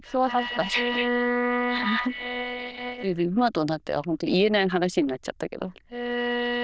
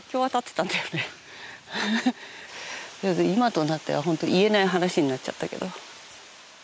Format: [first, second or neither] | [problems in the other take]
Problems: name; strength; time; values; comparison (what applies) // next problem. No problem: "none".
second | noise reduction (neural diffusion model UNIVERSE++)